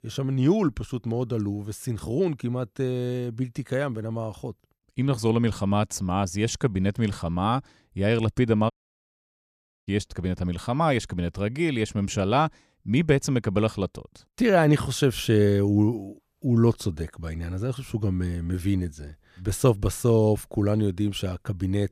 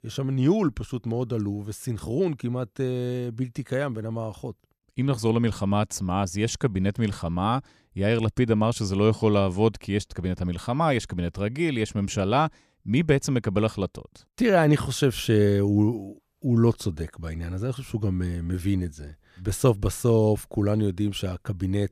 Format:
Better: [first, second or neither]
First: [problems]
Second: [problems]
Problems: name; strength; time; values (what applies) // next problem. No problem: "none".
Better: second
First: audio cutting out; at 8.5 s for 1 s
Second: none